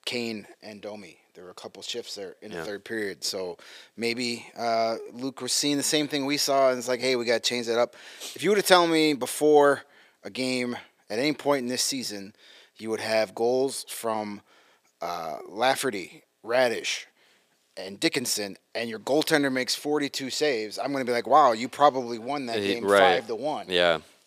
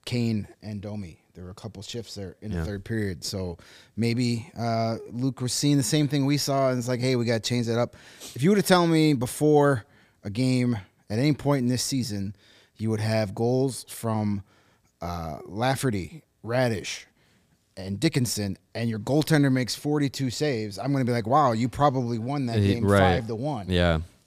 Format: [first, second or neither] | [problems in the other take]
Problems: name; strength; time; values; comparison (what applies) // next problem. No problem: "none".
second | thin; somewhat; fading below 450 Hz